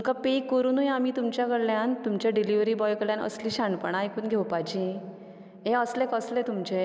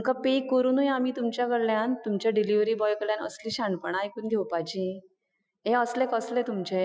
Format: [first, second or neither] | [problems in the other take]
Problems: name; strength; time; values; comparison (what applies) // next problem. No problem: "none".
first | noise reduction (classical method Wiener filter)